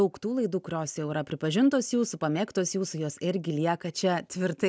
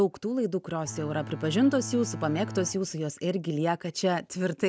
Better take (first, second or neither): first